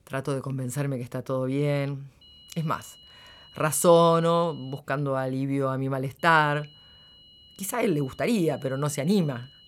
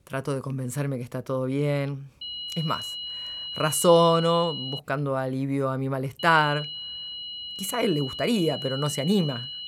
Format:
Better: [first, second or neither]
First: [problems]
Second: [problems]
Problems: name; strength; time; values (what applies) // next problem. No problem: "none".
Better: first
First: high-pitched whine; faint; from 2 to 5 s and from 6 s on; 3 kHz, 25 dB below the speech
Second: high-pitched whine; loud; from 2 to 5 s and from 6 s on; 3 kHz, 7 dB below the speech